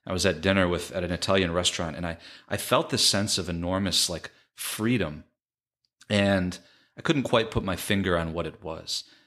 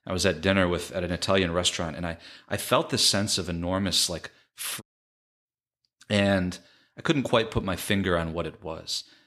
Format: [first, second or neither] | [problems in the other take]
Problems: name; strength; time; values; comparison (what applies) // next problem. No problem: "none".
first | audio cutting out; at 5 s for 0.5 s